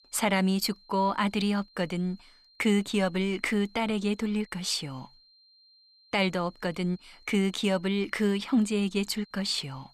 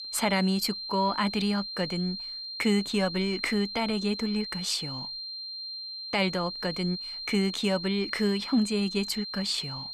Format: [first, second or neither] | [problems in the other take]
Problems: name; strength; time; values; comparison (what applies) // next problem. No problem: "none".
first | high-pitched whine; loud; throughout; 4 kHz, 6 dB below the speech; faint in the first